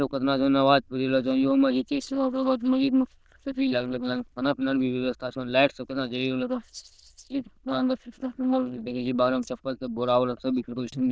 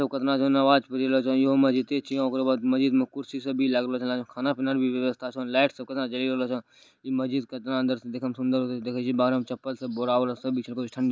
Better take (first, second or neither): second